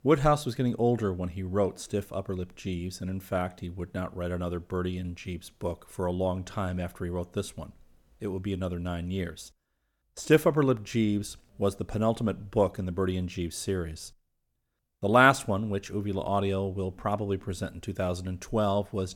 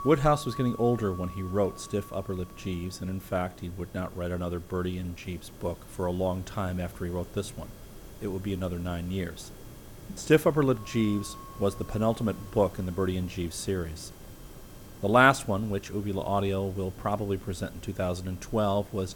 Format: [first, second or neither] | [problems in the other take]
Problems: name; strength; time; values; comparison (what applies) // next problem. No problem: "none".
first | background music; noticeable; throughout; 15 dB below the speech